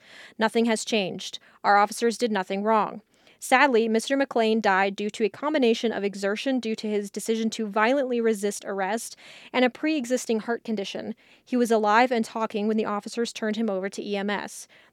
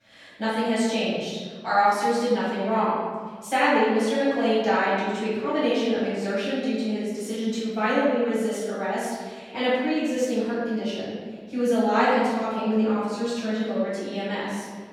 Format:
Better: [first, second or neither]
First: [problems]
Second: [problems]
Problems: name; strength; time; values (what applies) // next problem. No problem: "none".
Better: first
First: none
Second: room echo; strong; dies away in 1.6 s // off-mic speech; far